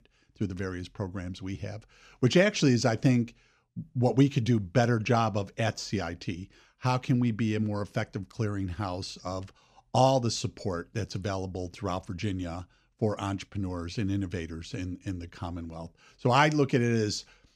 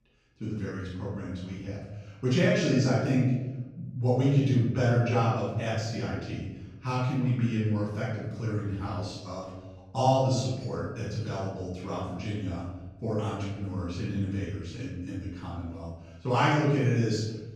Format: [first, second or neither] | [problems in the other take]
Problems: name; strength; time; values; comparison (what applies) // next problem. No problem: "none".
first | off-mic speech; far // room echo; strong; dies away in 1 s